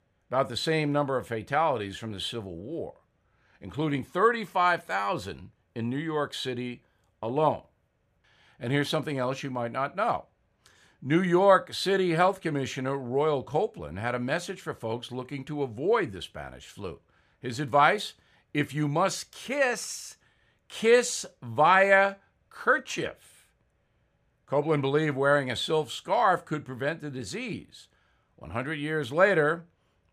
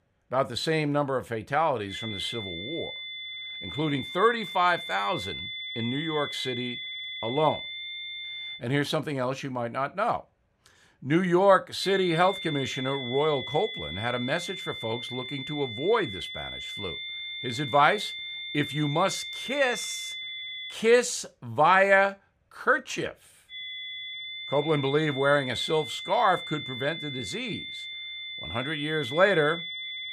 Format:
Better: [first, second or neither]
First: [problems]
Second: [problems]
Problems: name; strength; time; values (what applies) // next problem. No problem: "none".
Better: first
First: none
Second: high-pitched whine; loud; from 2 to 8.5 s, from 12 to 21 s and from 24 s on; 3.5 kHz, 8 dB below the speech